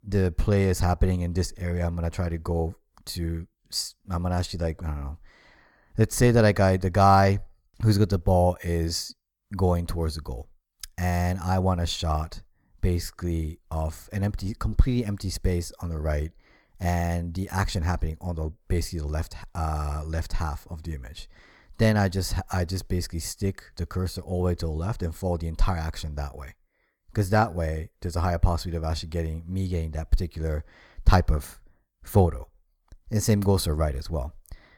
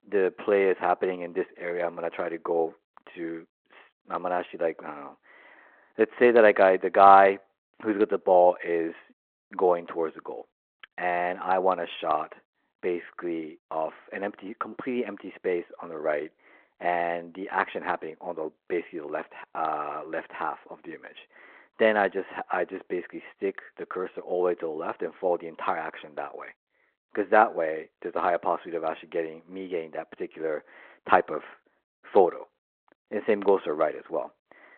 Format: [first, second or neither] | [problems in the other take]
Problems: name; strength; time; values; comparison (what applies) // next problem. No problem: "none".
first | phone-call audio; nothing above 3.5 kHz